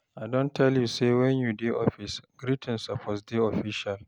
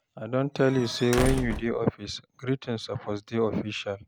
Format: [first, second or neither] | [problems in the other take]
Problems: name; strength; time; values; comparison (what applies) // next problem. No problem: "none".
first | background sound (Squeak / Slam / Wood); 4 dB below the speech